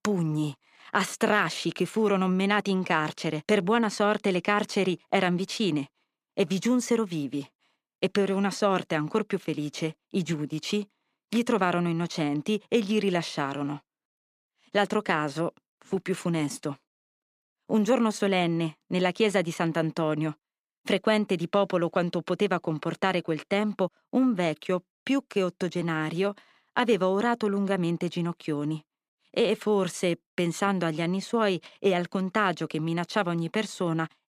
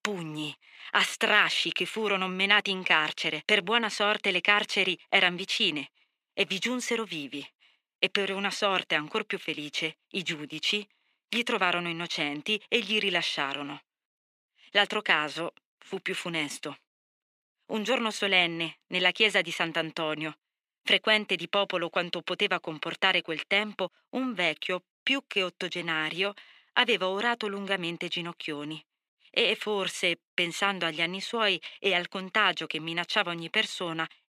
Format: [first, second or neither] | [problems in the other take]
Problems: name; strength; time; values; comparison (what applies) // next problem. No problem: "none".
first | thin; somewhat; fading below 450 Hz